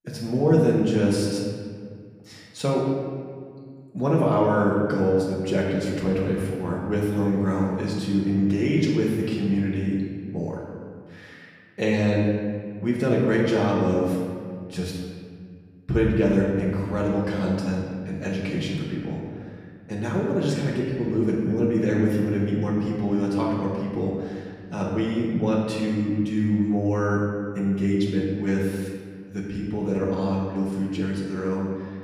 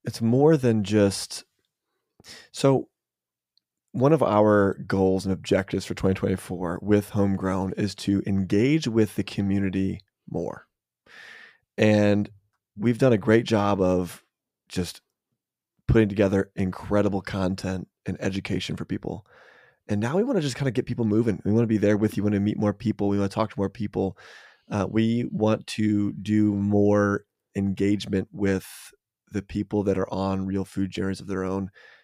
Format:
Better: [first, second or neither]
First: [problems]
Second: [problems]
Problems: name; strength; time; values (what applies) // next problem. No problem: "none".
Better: second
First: room echo; noticeable; dies away in 1.7 s // off-mic speech; far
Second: none